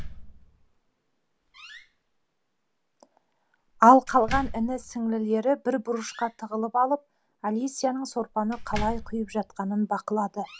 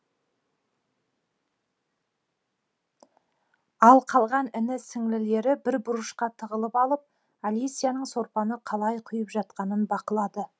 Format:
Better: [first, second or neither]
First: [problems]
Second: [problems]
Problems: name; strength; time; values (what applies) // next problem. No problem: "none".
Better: second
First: background sound (Slam); 13 dB below the speech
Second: none